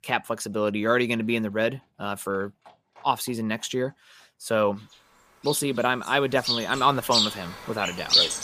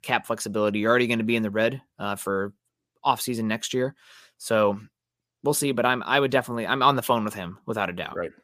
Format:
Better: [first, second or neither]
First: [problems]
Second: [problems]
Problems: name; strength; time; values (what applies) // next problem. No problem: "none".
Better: second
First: animal sounds; very loud; throughout; 1 dB above the speech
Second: none